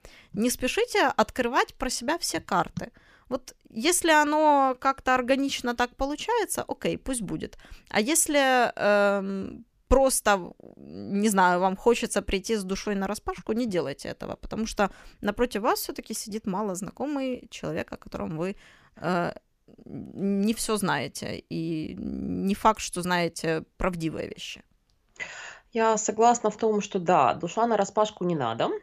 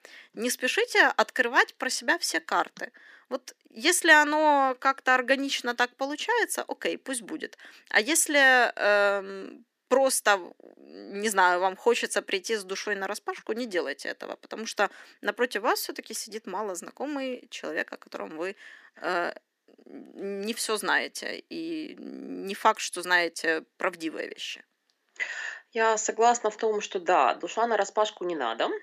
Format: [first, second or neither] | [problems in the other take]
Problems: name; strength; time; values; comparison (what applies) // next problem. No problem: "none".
first | thin; somewhat; fading below 250 Hz